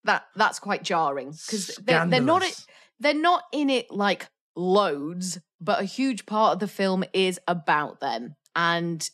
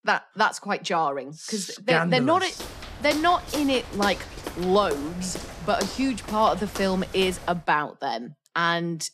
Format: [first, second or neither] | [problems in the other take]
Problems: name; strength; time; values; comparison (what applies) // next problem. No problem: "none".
first | footsteps; noticeable; from 2.5 to 7.5 s; peak 7 dB below the speech